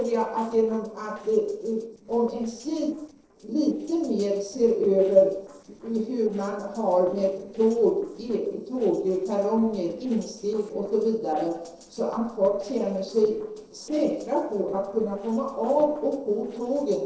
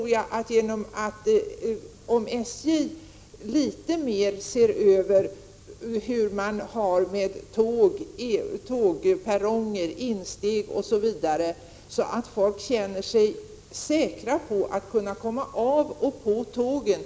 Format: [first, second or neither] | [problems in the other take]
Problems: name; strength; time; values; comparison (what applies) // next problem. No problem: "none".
second | noise reduction (neural separator model SepFormer DNS4)